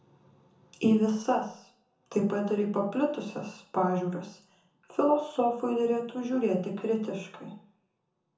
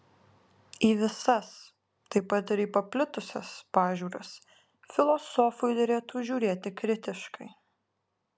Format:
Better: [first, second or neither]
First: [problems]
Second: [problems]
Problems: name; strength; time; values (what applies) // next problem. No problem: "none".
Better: second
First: room echo; dies away in 0.6 s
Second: none